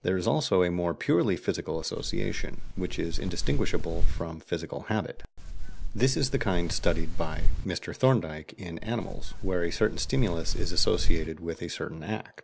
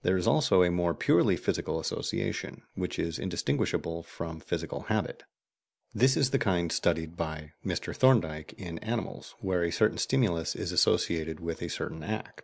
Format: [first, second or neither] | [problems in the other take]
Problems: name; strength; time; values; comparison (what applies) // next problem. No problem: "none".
second | background sound (Wind); 4 dB above the speech